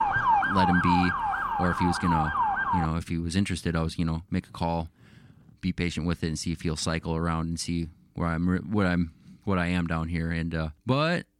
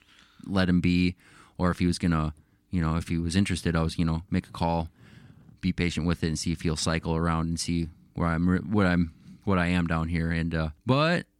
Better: second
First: siren; loud; until 3 s; peak 6 dB above the speech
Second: none

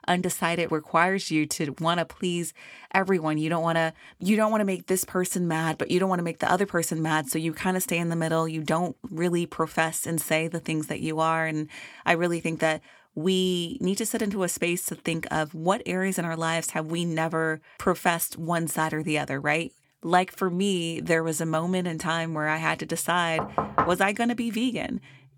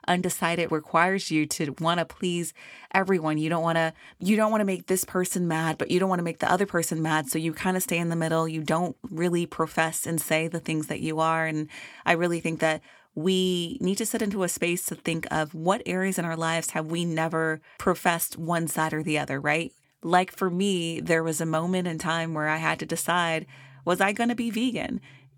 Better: second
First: door banging; loud; at 23 s; peak level with the speech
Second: none

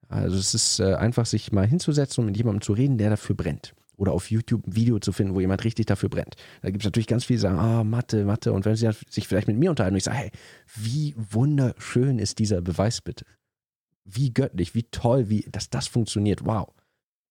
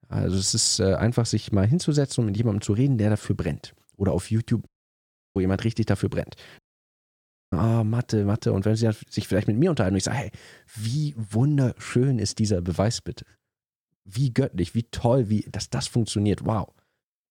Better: first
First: none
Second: audio cutting out; at 4.5 s for 0.5 s and at 6.5 s for 1 s

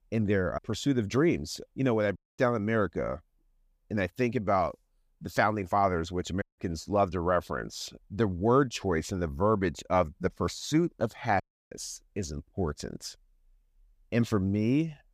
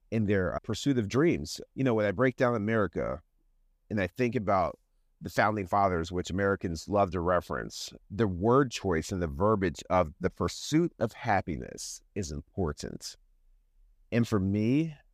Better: second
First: audio cutting out; at 2 s, at 6.5 s and at 11 s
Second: none

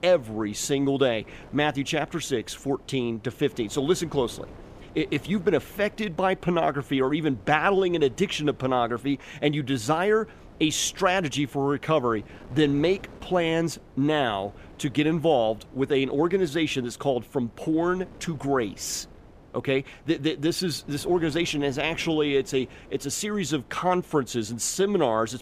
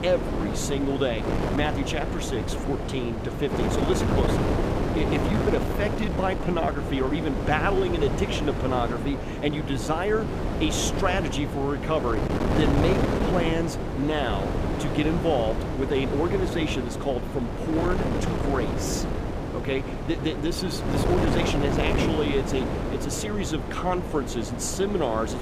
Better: first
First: wind noise on the microphone; occasional gusts; 25 dB below the speech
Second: wind noise on the microphone; heavy; 2 dB below the speech

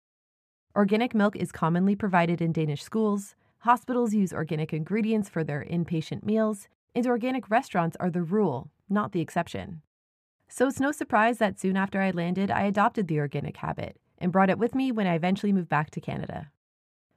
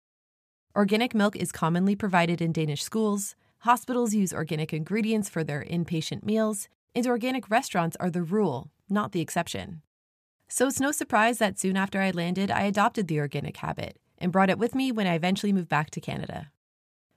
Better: second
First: muffled; slightly; fading above 3 kHz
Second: none

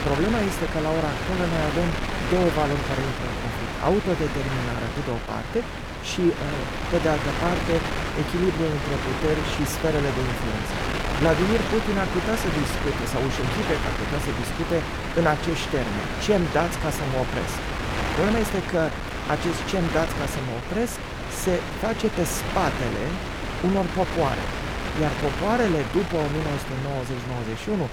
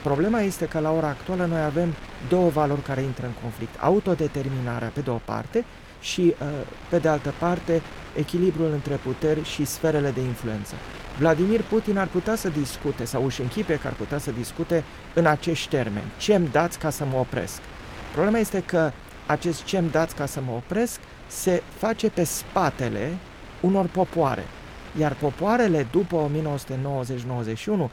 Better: second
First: wind noise on the microphone; heavy; 1 dB below the speech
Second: wind noise on the microphone; occasional gusts; 15 dB below the speech

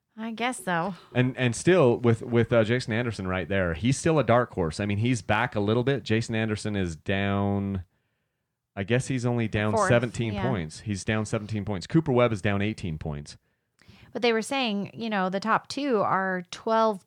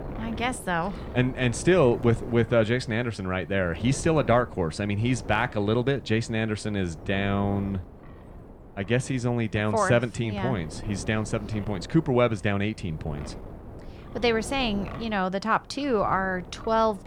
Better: first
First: none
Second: wind noise on the microphone; occasional gusts; 20 dB below the speech

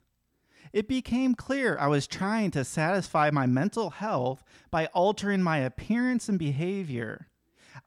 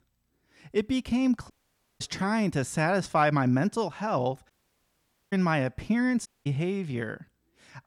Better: first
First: none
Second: audio cutting out; at 1.5 s for 0.5 s, at 4.5 s for 1 s and at 6.5 s

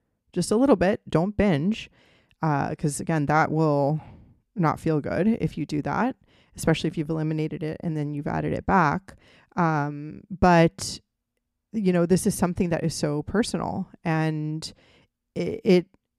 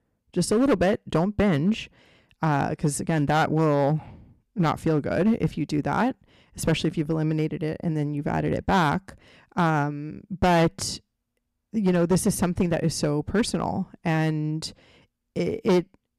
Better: first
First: none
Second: distortion; slight; 5% of the sound clipped

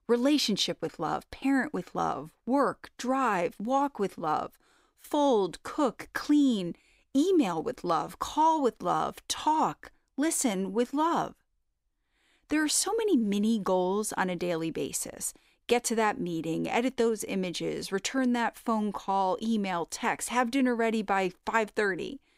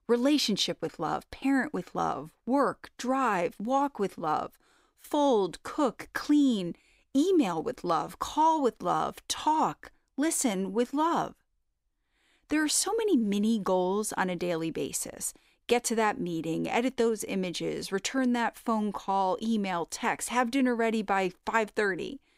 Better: neither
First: none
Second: none

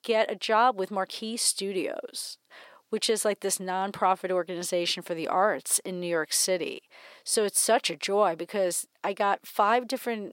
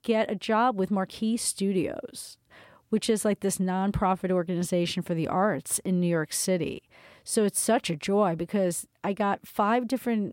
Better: second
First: thin; somewhat; fading below 450 Hz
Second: none

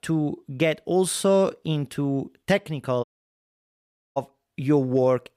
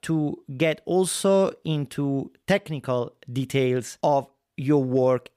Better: second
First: audio cutting out; at 3 s for 1 s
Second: none

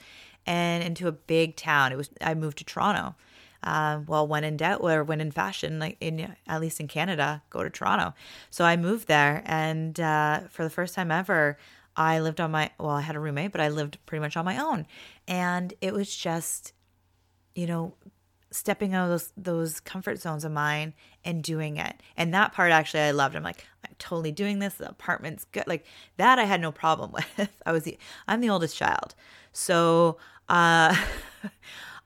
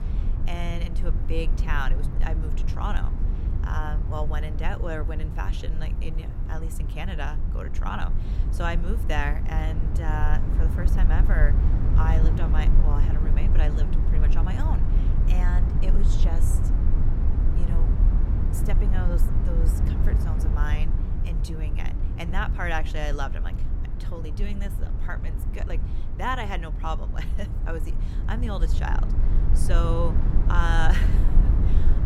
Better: first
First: none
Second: low rumble; loud; throughout; 7 dB below the speech

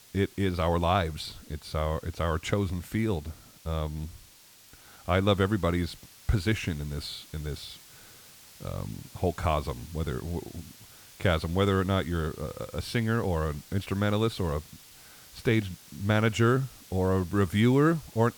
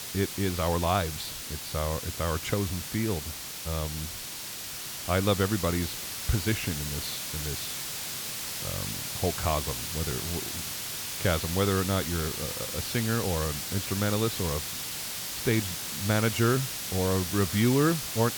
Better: first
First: hiss; faint; throughout; 20 dB below the speech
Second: hiss; loud; throughout; 3 dB below the speech

